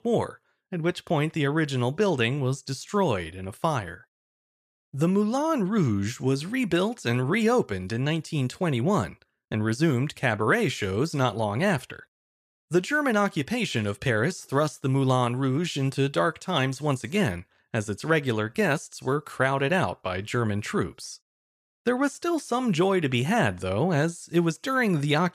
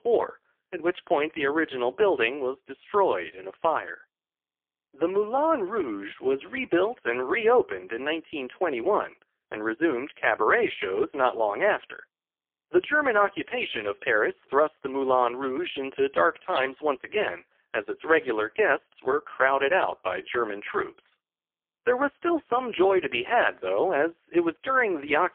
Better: first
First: none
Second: phone-call audio; poor line; nothing above 3 kHz

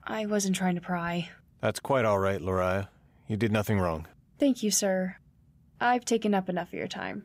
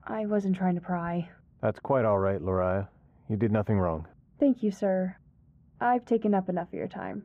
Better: first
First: none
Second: muffled; very; fading above 3 kHz

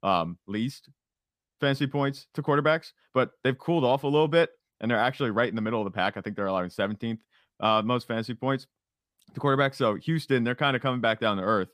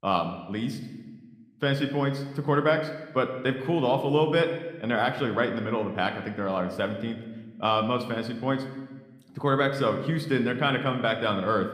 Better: first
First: none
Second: room echo; slight; dies away in 1 s

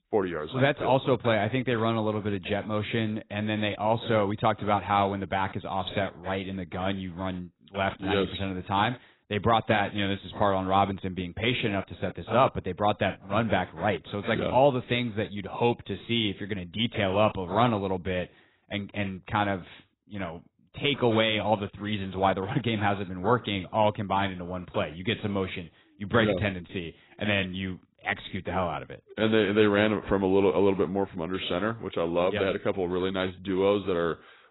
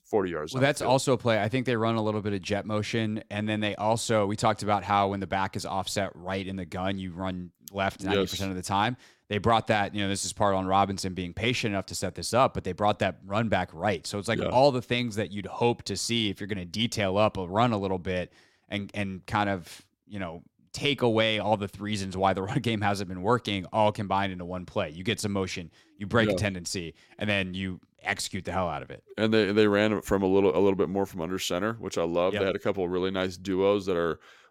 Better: second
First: garbled, watery; badly; nothing above 4 kHz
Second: none

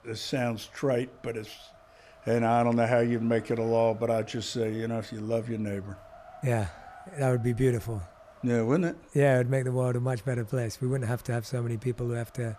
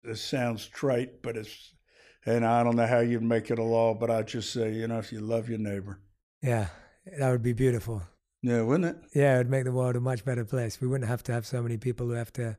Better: second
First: wind noise on the microphone; occasional gusts; 20 dB below the speech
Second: none

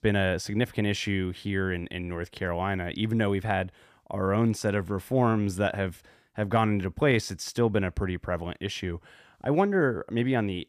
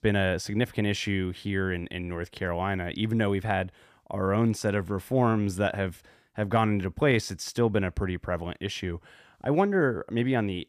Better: neither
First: none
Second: none

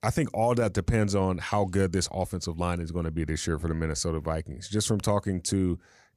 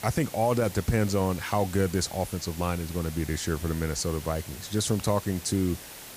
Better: first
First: none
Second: hiss; noticeable; throughout; 15 dB below the speech

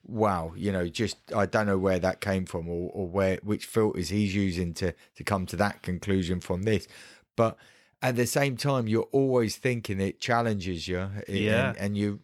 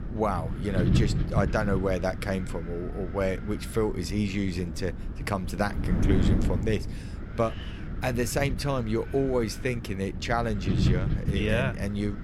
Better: first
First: none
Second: wind noise on the microphone; heavy; 9 dB below the speech

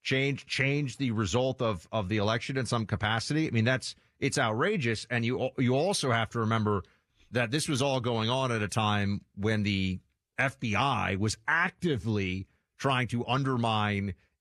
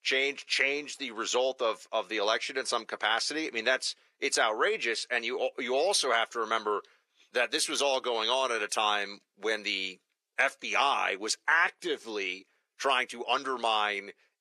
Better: first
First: none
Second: thin; very; fading below 400 Hz

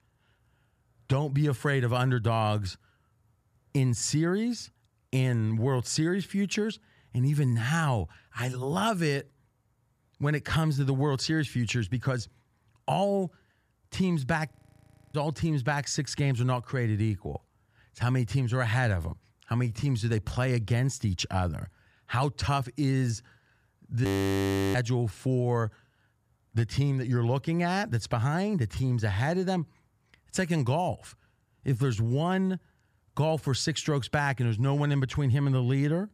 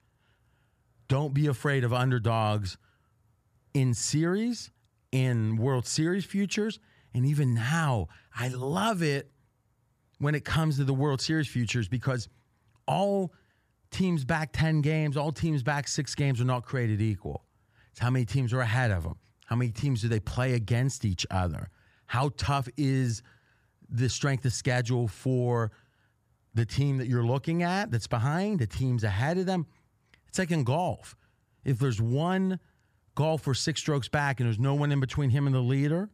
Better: second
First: audio freezing; at 15 s for 0.5 s and at 24 s for 0.5 s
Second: none

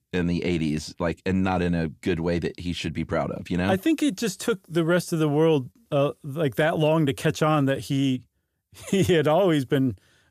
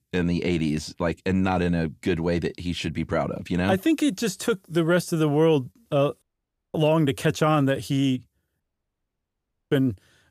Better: first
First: none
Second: audio cutting out; at 6 s for 0.5 s and at 8.5 s for 1 s

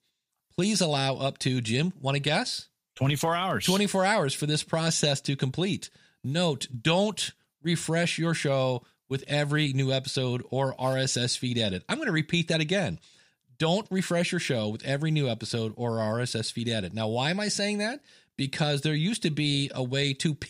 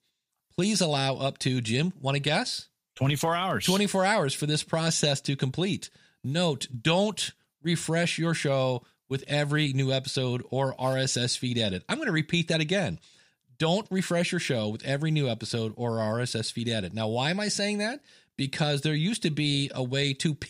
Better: neither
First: none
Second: none

